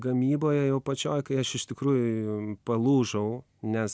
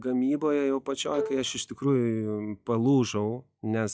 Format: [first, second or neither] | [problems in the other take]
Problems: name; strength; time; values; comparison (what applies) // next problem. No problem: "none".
first | noise reduction (classical method log-MMSE)